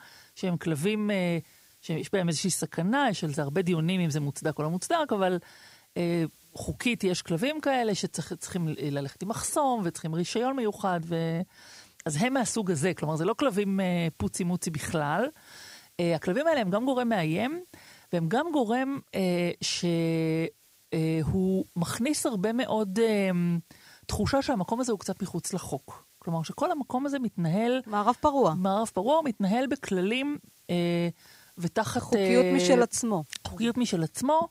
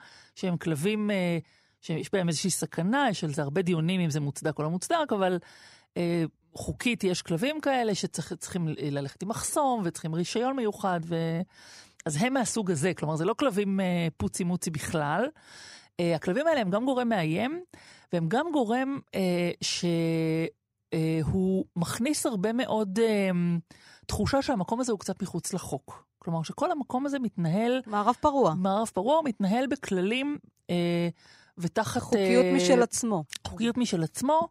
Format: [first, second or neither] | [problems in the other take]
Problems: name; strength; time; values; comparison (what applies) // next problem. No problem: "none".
second | hiss; faint; throughout; 30 dB below the speech